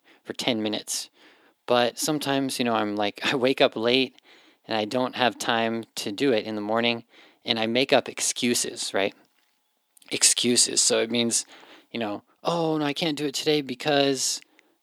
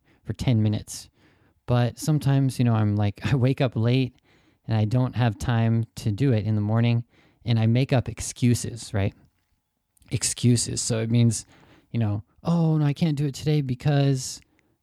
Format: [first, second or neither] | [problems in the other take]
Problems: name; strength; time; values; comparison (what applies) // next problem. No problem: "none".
second | thin; very; fading below 350 Hz